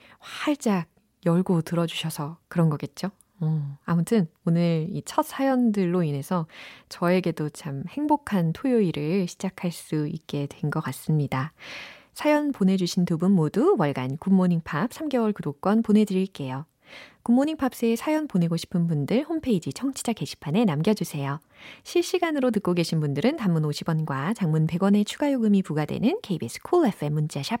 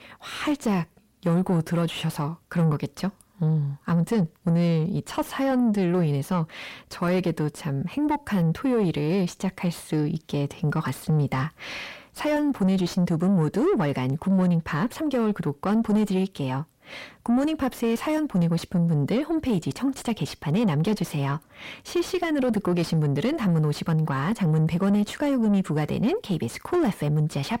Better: first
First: none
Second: distortion; slight; 10 dB below the speech

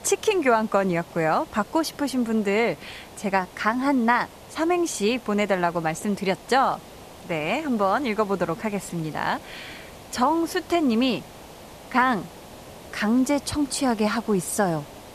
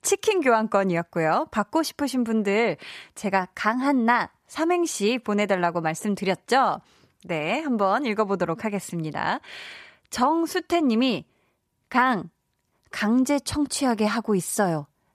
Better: second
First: hiss; noticeable; throughout; 20 dB below the speech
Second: none

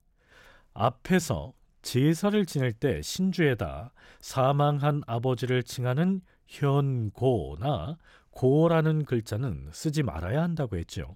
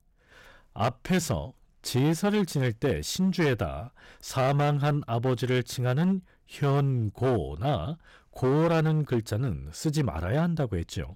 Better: first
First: none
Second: distortion; slight; 8% of the sound clipped

